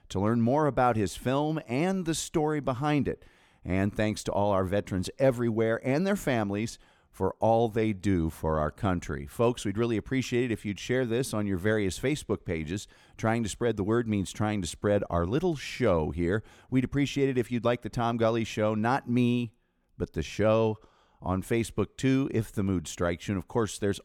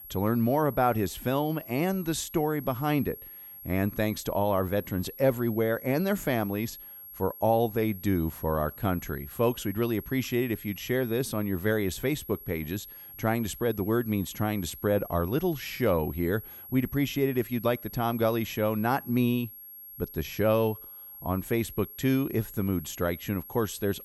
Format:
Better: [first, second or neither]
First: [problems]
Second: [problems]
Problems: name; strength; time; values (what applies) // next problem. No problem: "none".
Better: first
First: none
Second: high-pitched whine; noticeable; throughout; 11.5 kHz, 15 dB below the speech